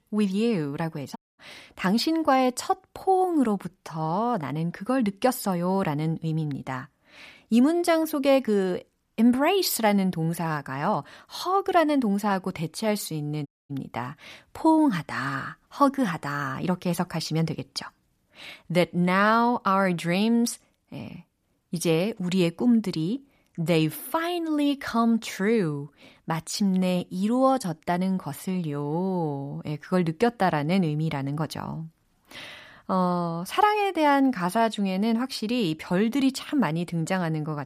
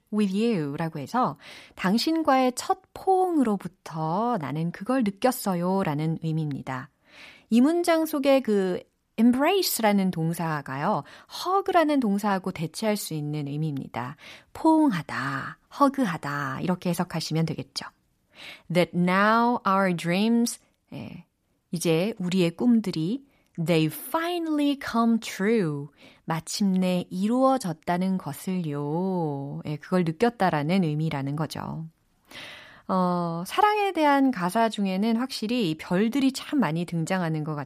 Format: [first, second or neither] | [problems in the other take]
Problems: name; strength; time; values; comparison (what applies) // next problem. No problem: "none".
second | audio cutting out; at 1 s and at 13 s